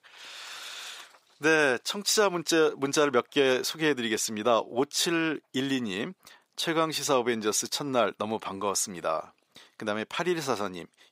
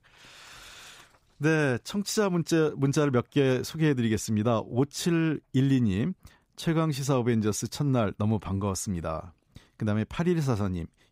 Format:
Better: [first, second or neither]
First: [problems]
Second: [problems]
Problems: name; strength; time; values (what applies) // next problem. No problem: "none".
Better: second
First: thin; somewhat; fading below 450 Hz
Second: none